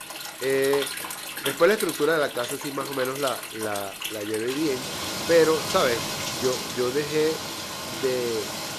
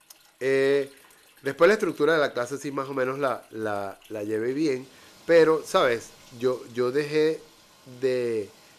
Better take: second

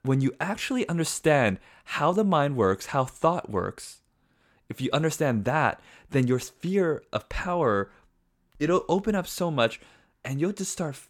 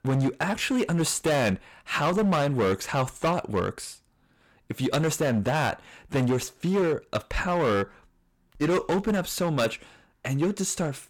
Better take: first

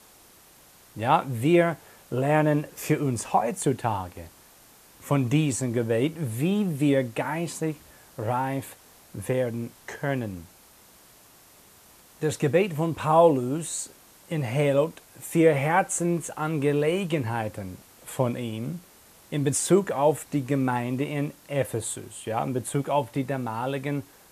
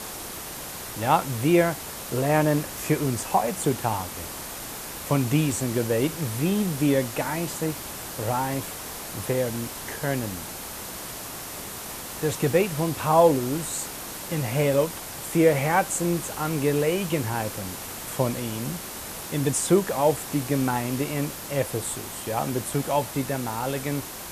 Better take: first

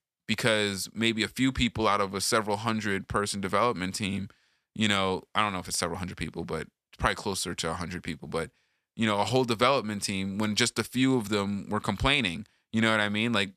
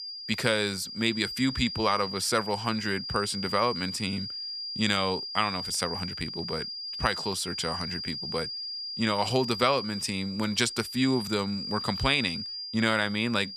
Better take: first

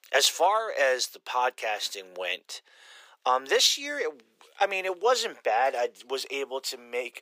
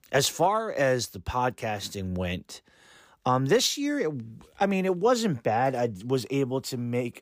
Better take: second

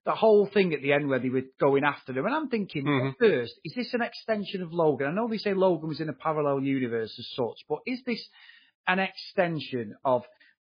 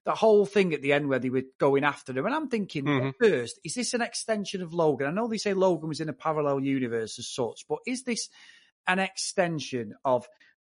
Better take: second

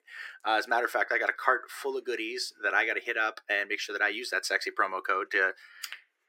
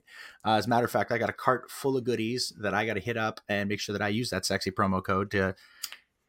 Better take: second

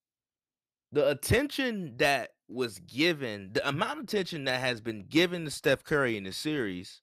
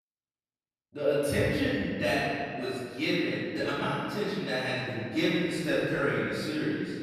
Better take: first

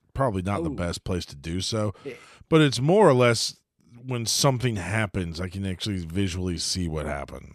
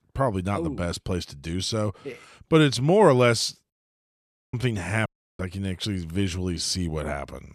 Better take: first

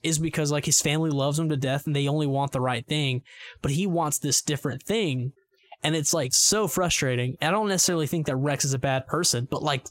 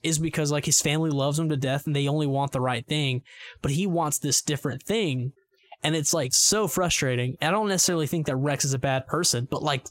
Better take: neither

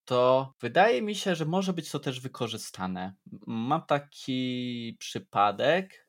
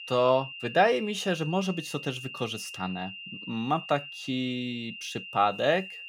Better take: first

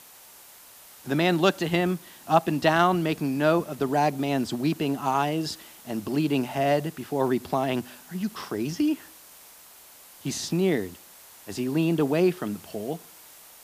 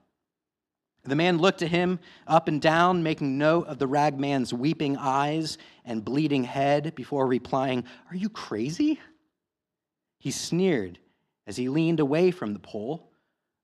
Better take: second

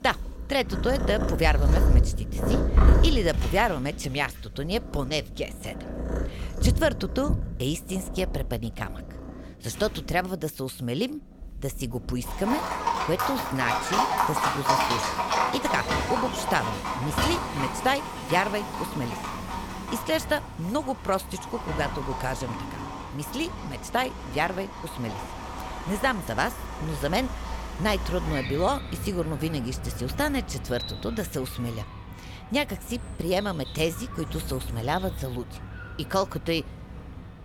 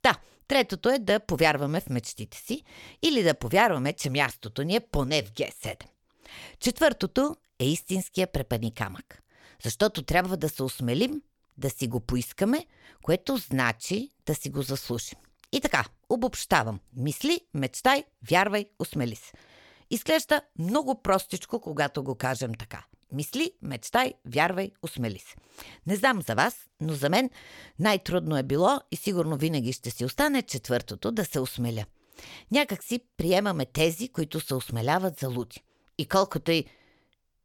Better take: second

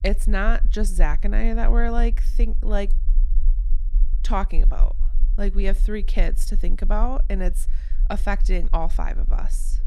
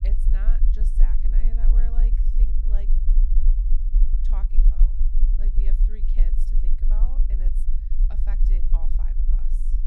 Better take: first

